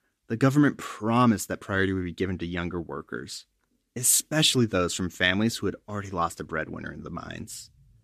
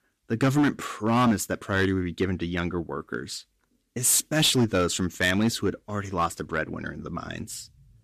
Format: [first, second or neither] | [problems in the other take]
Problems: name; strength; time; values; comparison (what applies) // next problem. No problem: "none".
first | distortion; slight; 5% of the sound clipped